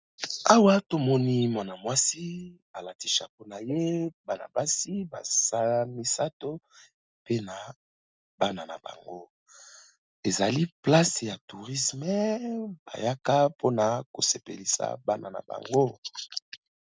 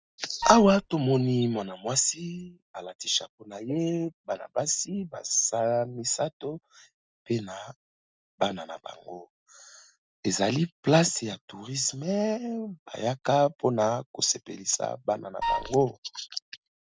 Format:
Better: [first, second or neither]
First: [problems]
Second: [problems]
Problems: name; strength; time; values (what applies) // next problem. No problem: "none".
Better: first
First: none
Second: background sound (Wind instrument, woodwind instrument); 2 dB below the speech